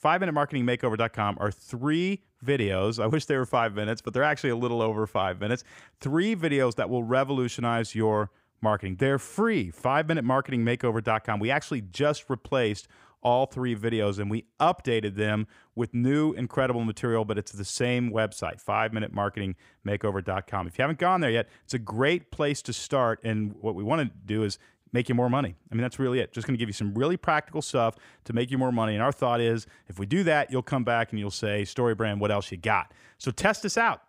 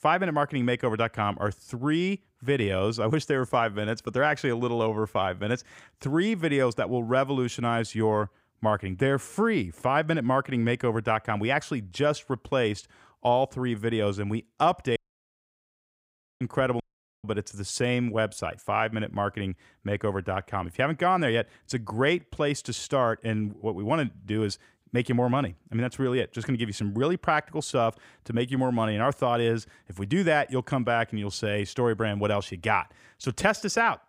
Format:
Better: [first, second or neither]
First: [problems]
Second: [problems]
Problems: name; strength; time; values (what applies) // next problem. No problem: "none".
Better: first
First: none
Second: audio cutting out; at 15 s for 1.5 s and at 17 s